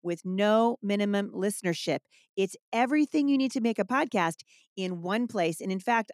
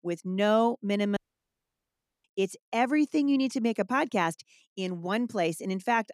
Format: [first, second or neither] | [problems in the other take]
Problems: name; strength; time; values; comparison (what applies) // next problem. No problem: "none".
first | audio cutting out; at 1 s for 1 s